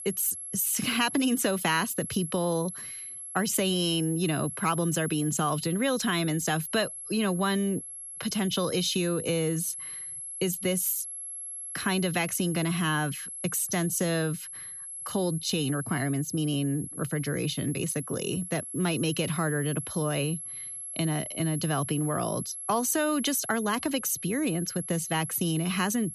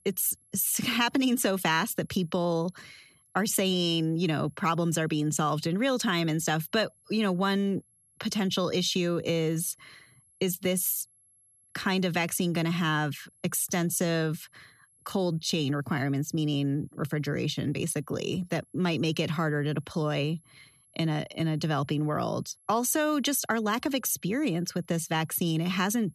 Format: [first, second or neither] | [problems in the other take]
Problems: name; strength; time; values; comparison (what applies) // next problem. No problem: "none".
second | high-pitched whine; loud; throughout; 11 kHz, 8 dB below the speech; faint in the second